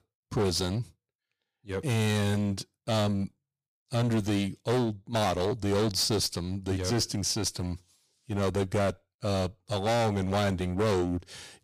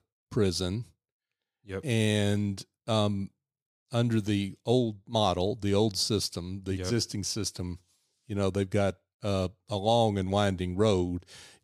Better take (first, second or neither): second